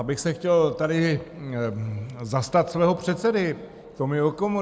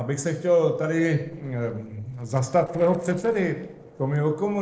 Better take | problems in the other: first | noise reduction (neural separator model SepFormer DNS4)

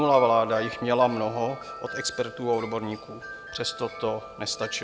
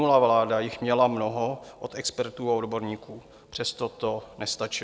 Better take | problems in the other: second | background sound (Wind chime); 13 dB below the speech

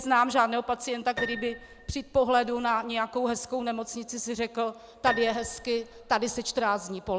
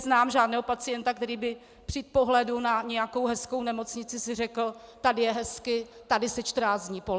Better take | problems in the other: second | background sound (Piano); 12 dB below the speech

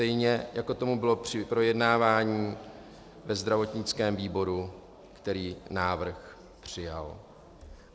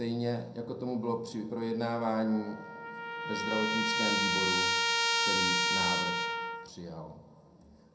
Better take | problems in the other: first | background sound (Trumpet); 2 dB above the speech // room echo; dies away in 0.5 s

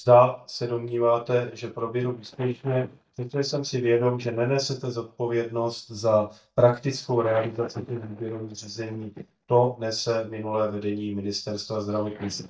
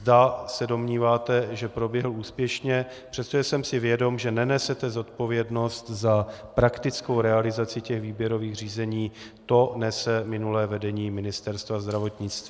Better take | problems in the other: second | noise reduction (neural mask model DeepFilterNet 3)

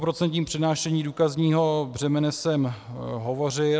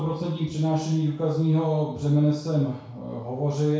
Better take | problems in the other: first | room echo; dies away in 0.6 s

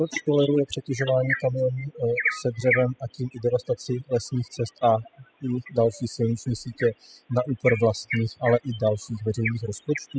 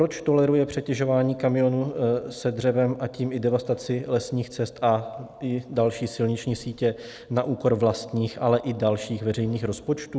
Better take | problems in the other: second | noise reduction (classical method spectral subtraction)

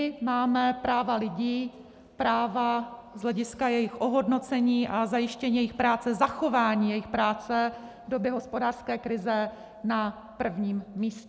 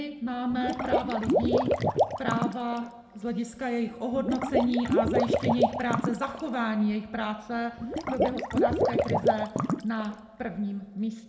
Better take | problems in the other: first | background sound (Water / Liquid); 2 dB above the speech // room echo; dies away in 0.7 s

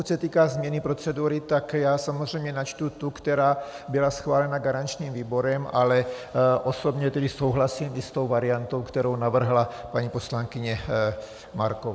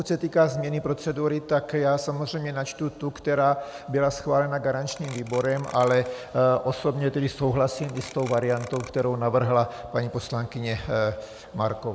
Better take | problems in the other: first | background sound (Clock); 19 dB below the speech

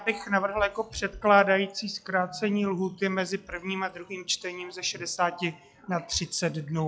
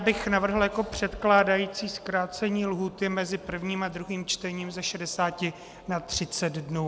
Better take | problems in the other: second | noise reduction (classical method log-MMSE)

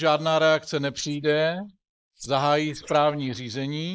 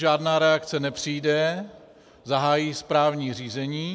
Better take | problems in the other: second | noise reduction (neural mask model Resemble Enhance denoiser)

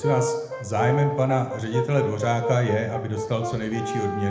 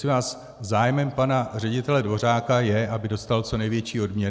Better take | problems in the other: second | background sound (Brass instrument); 5 dB below the speech // room echo; dies away in 0.7 s

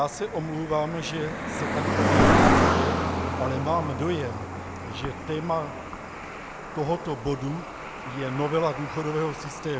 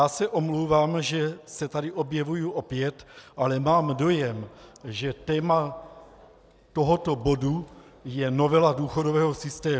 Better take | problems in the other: second | background sound (Cricket); 3 dB above the speech

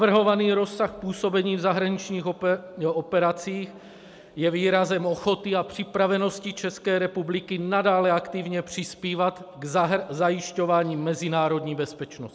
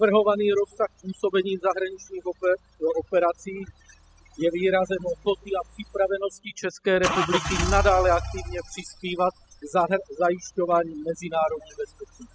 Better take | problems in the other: first | noise reduction (classical method spectral subtraction)

